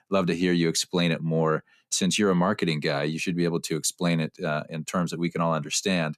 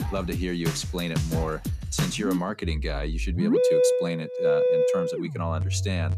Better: first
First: none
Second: background music; very loud; throughout; 5 dB above the speech

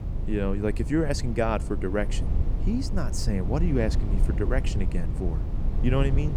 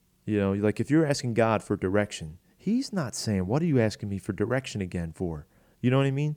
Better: second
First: low rumble; noticeable; throughout; 10 dB below the speech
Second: none

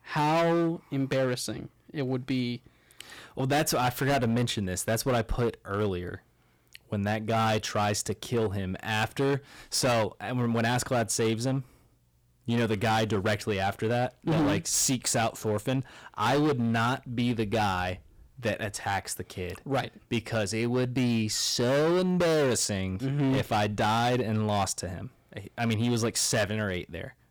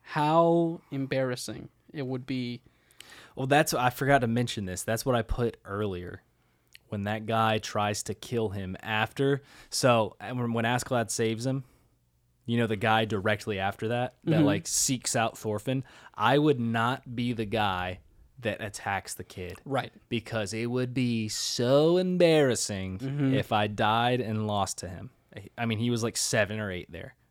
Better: second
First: distortion; heavy; 13% of the sound clipped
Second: none

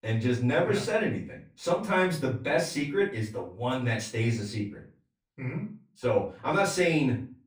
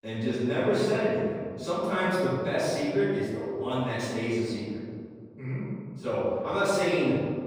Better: first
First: room echo; slight; dies away in 0.3 s // off-mic speech; far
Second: room echo; strong; dies away in 2 s // off-mic speech; far

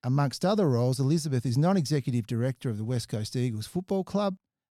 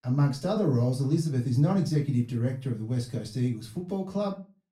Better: first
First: none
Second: off-mic speech; far // room echo; very slight; dies away in 0.3 s

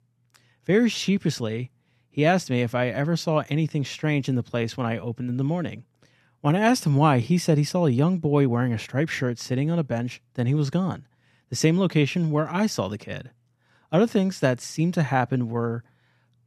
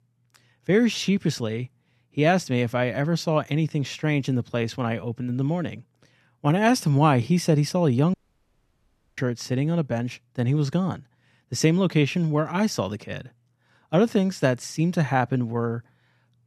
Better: first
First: none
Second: audio cutting out; at 8 s for 1 s

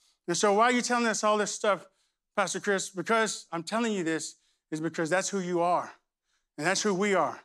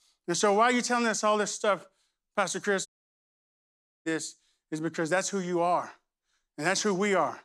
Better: first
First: none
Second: audio cutting out; at 3 s for 1 s

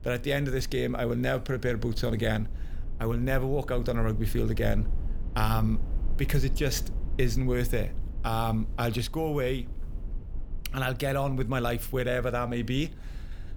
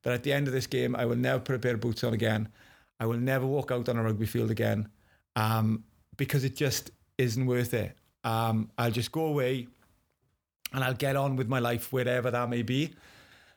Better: second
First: low rumble; faint; throughout; 20 dB below the speech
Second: none

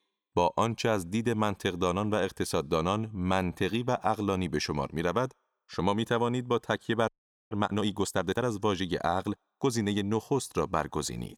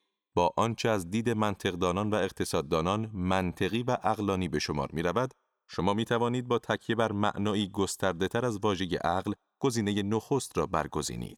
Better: second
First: audio freezing; at 7 s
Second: none

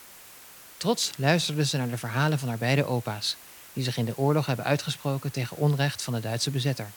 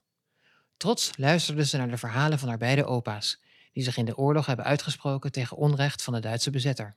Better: second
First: hiss; noticeable; throughout; 20 dB below the speech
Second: none

